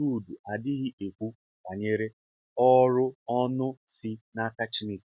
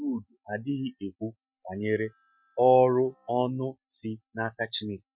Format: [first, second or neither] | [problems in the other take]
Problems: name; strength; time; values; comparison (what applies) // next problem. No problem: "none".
first | noise reduction (classical method Wiener filter)